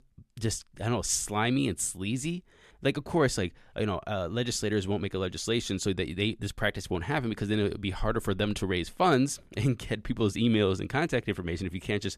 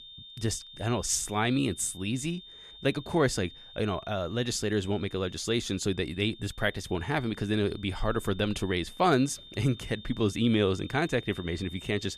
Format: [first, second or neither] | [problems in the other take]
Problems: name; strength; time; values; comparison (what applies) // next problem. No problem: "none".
first | high-pitched whine; noticeable; throughout; 3.5 kHz, 15 dB below the speech